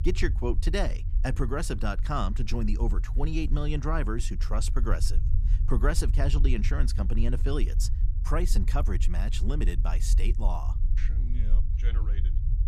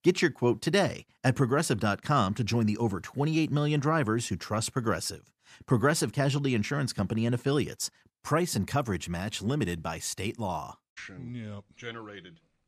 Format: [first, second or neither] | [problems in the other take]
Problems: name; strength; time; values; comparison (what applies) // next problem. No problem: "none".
second | low rumble; noticeable; throughout; 15 dB below the speech